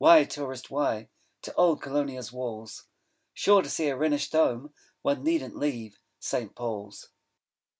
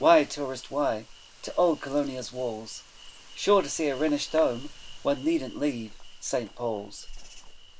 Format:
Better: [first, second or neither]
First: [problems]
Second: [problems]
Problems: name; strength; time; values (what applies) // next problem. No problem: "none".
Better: first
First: none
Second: background sound (Insect); 16 dB below the speech